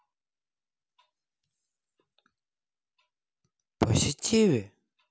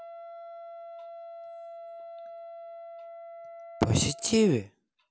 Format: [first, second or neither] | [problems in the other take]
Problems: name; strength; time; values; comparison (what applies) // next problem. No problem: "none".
first | background sound (Wind instrument, woodwind instrument); 12 dB below the speech